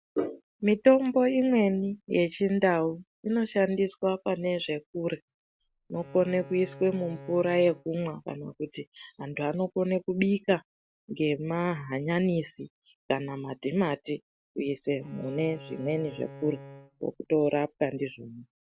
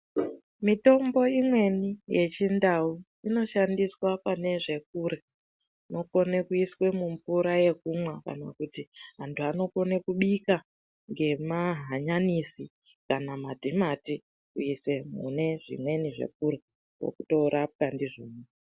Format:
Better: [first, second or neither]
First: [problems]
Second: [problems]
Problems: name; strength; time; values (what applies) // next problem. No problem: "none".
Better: second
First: background sound (Bowed string instrument); 19 dB below the speech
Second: none